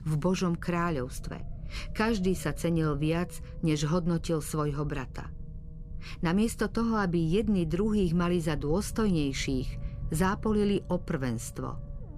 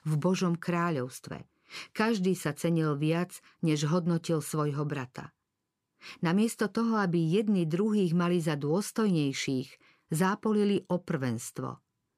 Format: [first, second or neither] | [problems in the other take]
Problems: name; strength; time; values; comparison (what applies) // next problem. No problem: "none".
second | low rumble; faint; throughout; 20 dB below the speech